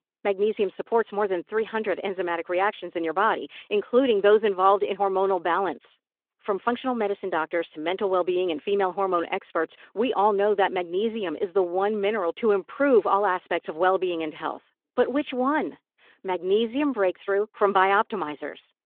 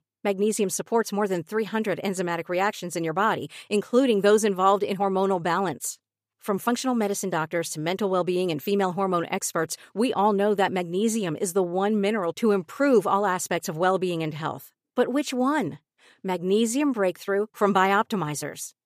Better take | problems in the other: second | phone-call audio

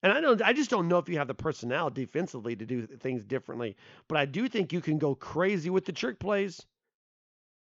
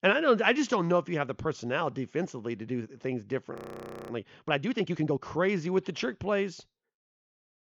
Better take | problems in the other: first | audio freezing; at 3.5 s for 0.5 s

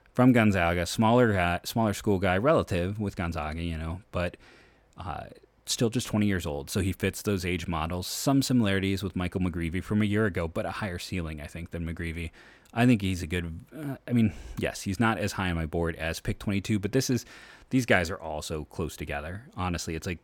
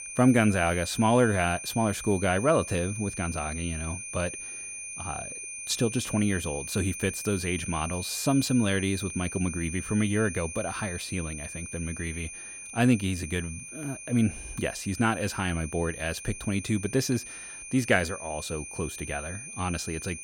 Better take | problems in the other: first | high-pitched whine; loud; throughout; 2.5 kHz, 9 dB below the speech

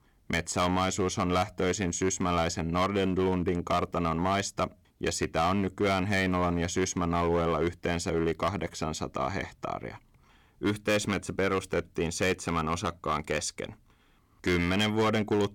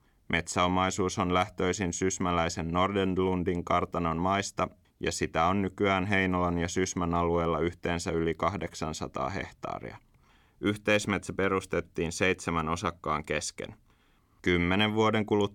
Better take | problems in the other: second | distortion; slight; 7% of the sound clipped

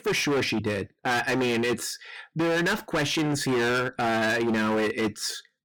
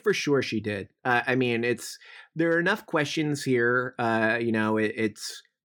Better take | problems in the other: second | distortion; heavy; 26% of the sound clipped

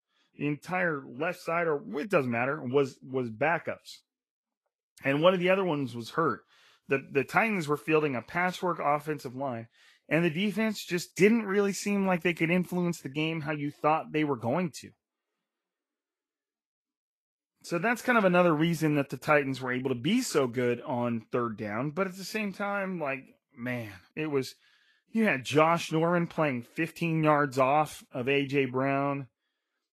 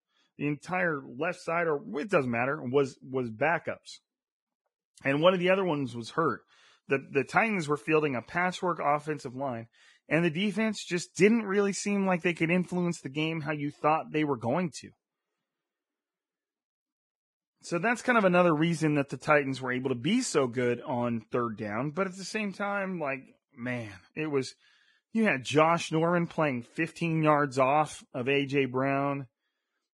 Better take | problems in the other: first | garbled, watery; badly; nothing above 10.5 kHz; slightly in the first

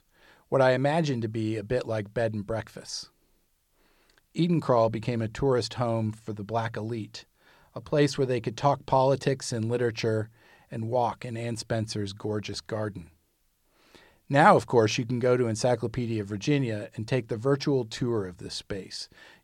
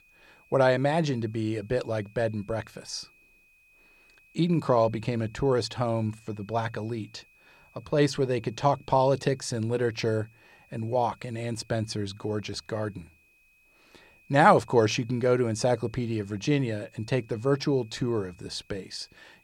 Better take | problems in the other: first | high-pitched whine; faint; throughout; 2.5 kHz, 30 dB below the speech

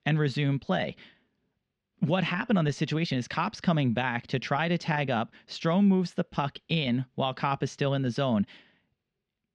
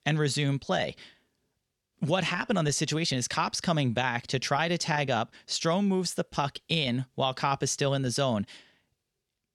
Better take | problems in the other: second | muffled; slightly; fading above 3 kHz

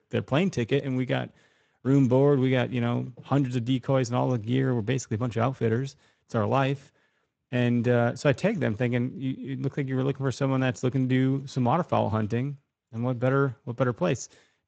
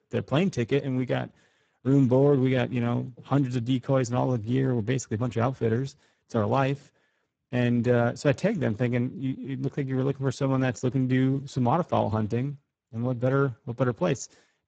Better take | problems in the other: first | garbled, watery; badly; nothing above 7.5 kHz; slightly in the first

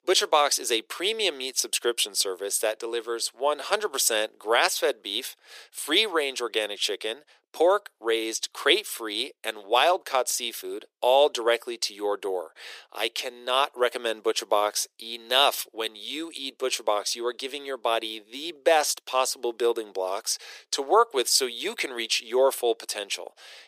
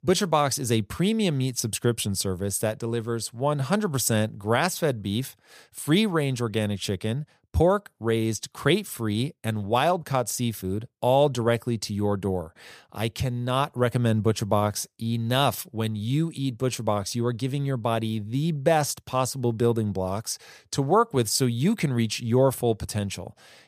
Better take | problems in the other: second | thin; very; fading below 350 Hz

